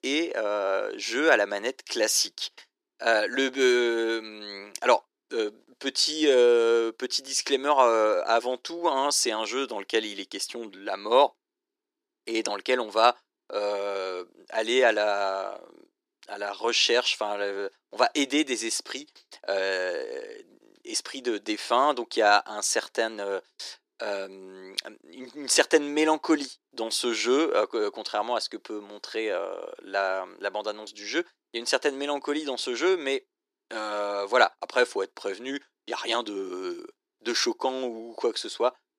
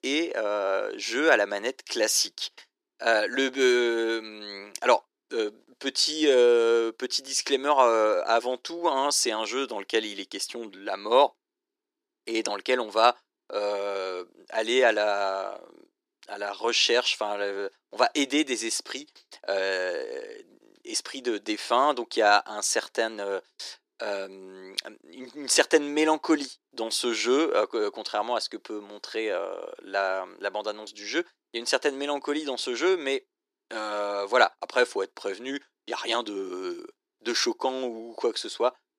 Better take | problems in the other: neither | thin; very; fading below 300 Hz; the same in both

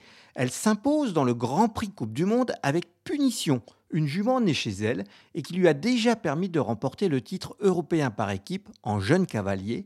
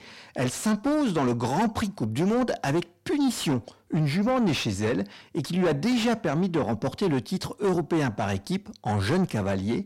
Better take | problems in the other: first | distortion; heavy; 7 dB below the speech

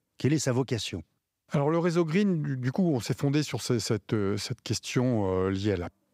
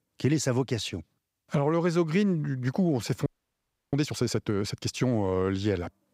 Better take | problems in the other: first | audio freezing; at 3.5 s for 0.5 s

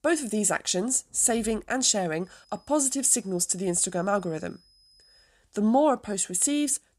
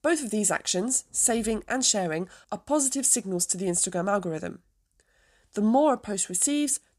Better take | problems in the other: second | high-pitched whine; faint; from 2 to 5.5 s; 5 kHz, 35 dB below the speech

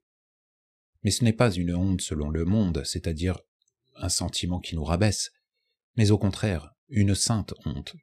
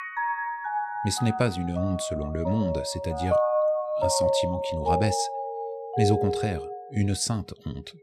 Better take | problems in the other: first | background music; very loud; throughout; as loud as the speech

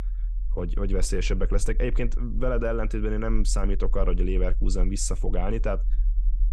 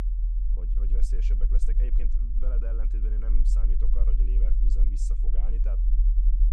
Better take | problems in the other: first | low rumble; loud; throughout; 2 dB below the speech; faint in the first

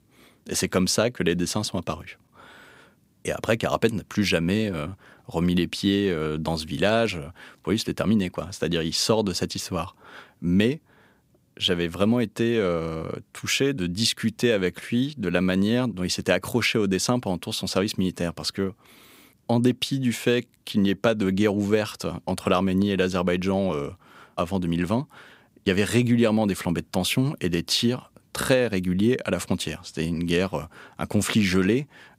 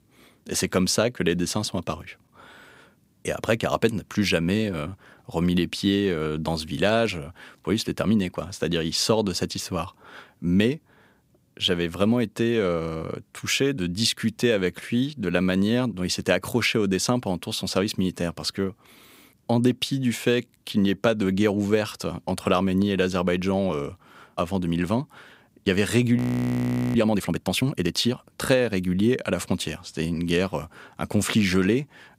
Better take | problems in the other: first | audio freezing; at 26 s for 1 s

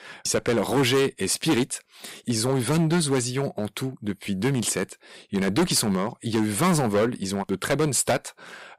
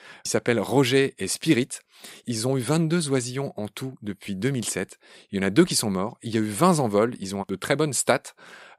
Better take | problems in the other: second | distortion; heavy; 8% of the sound clipped

